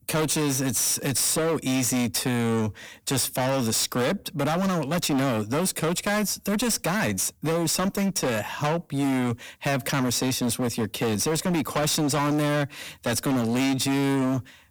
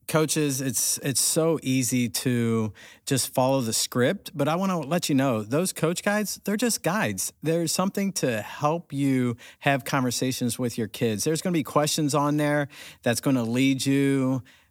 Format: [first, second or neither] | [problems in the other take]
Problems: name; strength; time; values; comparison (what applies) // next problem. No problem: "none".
second | distortion; heavy; 28% of the sound clipped